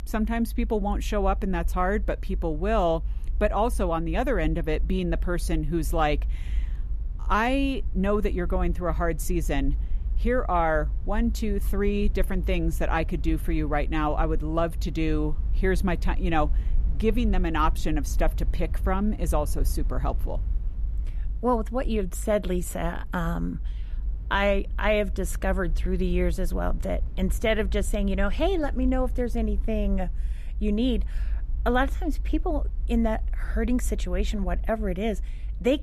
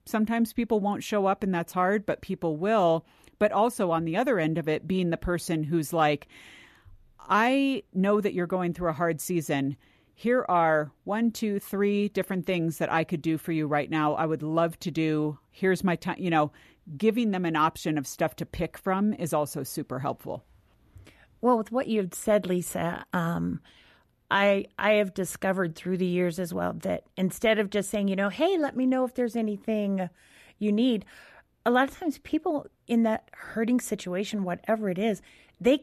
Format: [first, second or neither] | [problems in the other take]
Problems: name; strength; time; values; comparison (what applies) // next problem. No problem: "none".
second | low rumble; faint; throughout; 25 dB below the speech